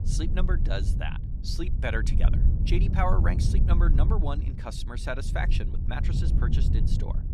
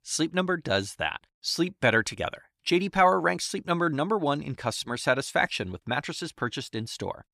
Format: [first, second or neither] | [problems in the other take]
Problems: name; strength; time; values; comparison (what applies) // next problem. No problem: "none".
second | low rumble; loud; throughout; 7 dB below the speech